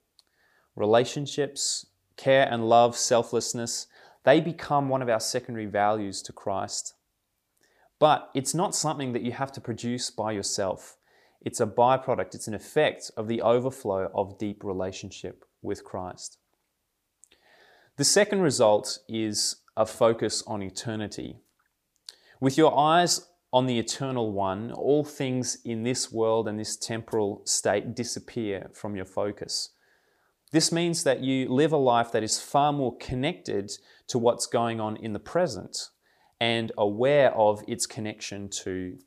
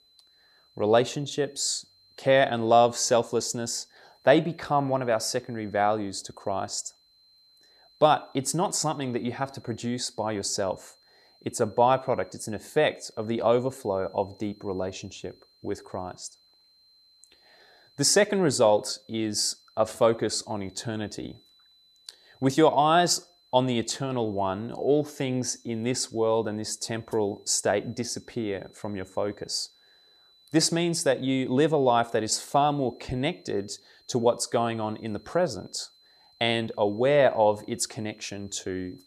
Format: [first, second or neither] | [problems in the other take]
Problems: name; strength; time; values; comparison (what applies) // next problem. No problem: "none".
first | high-pitched whine; faint; throughout; 4 kHz, 30 dB below the speech